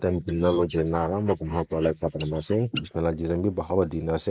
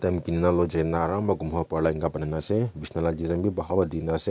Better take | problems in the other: second | noise reduction (neural mask model Resemble Enhance denoiser)

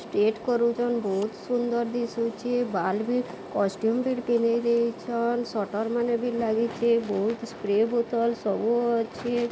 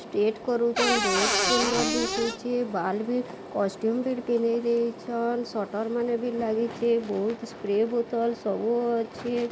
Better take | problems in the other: first | background sound (Cupboard open or close / Door); 1 dB above the speech

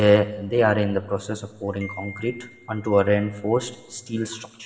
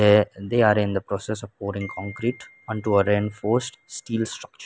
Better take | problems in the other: second | room echo; dies away in 1.3 s

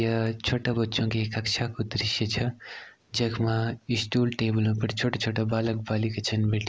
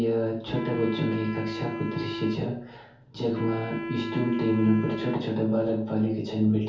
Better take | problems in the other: first | background sound (Wind instrument, woodwind instrument); 8 dB below the speech // room echo; dies away in 0.6 s

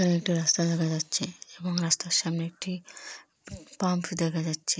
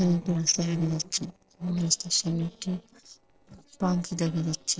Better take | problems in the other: first | noise reduction (neural separator model SepFormer DNS4)

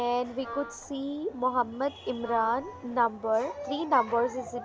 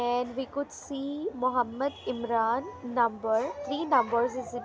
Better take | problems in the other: second | background sound (Wind instrument, woodwind instrument); 15 dB below the speech

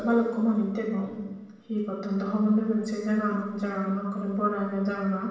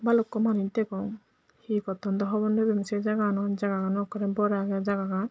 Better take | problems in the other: second | room echo; dies away in 1.1 s

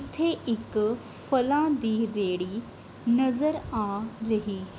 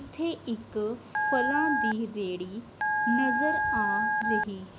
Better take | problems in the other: first | background sound (Telephone); 2 dB above the speech

